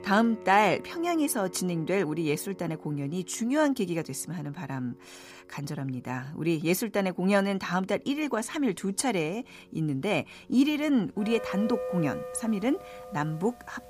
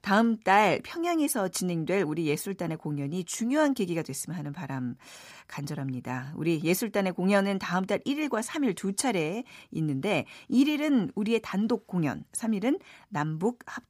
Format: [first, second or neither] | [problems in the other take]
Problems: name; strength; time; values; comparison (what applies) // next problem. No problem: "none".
second | background music; noticeable; throughout; 15 dB below the speech